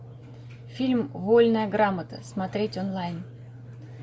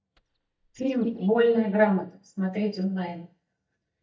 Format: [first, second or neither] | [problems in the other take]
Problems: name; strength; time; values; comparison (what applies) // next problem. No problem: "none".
first | noise reduction (neural mask model DeepFilterNet 3)